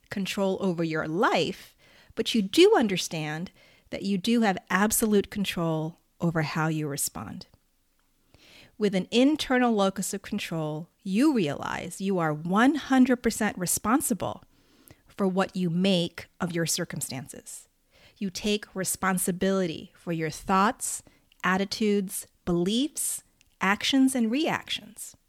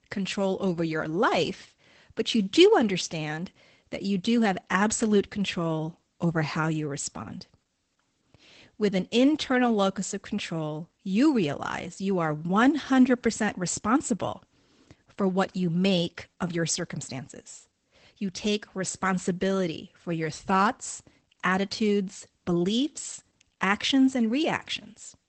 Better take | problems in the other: first | garbled, watery; badly; nothing above 8 kHz

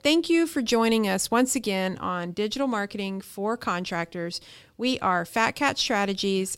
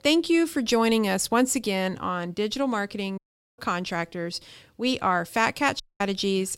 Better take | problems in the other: first | audio cutting out; at 3 s and at 6 s

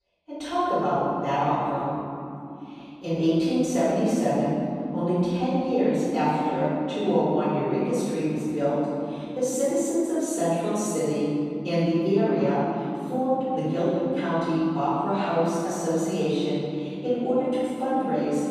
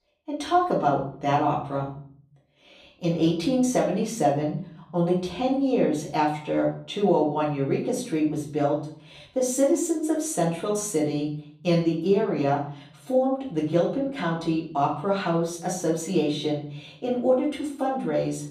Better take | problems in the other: second | room echo; strong; dies away in 3 s; slight in the second // off-mic speech; far; far in the second

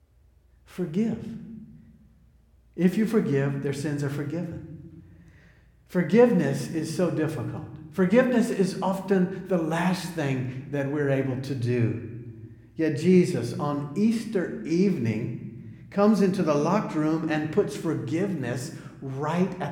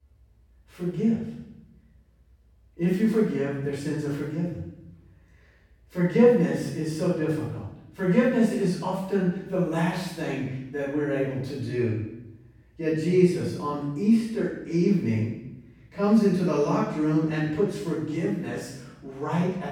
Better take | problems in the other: first | room echo; strong; dies away in 0.8 s; slight in the first // off-mic speech; far

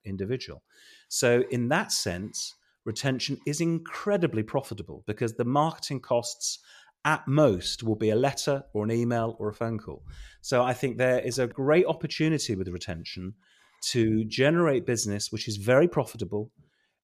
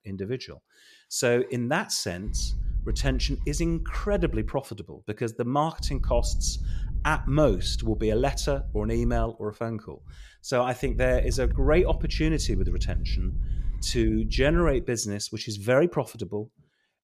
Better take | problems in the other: first | low rumble; faint; from 2.5 to 4.5 s, from 6 to 9.5 s and from 11 to 15 s; 25 dB below the speech

